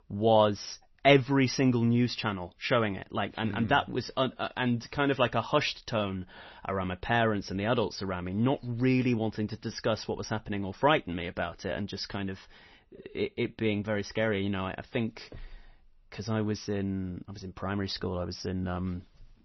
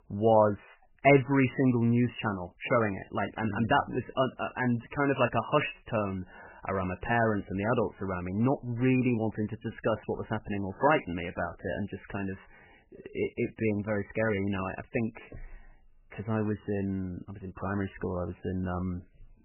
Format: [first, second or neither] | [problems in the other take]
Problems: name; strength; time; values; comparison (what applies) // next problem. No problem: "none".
first | garbled, watery; badly; nothing above 3 kHz; slightly in the first